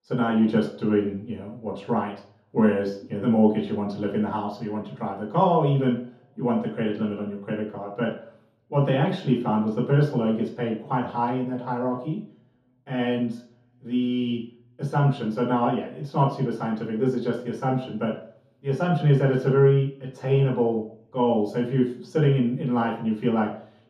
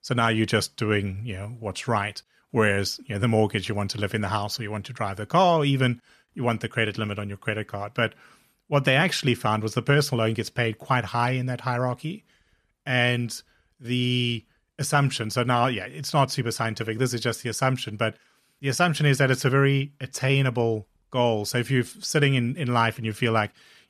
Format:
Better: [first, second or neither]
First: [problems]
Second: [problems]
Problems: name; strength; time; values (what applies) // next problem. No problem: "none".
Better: second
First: room echo; noticeable; dies away in 0.5 s // off-mic speech; far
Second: none